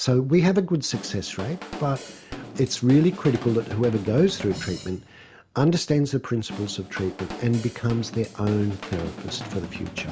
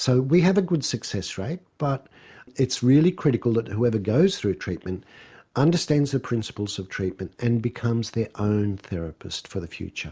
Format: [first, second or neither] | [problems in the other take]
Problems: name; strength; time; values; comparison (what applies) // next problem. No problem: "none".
second | background sound (Drum / Drum kit); 14 dB below the speech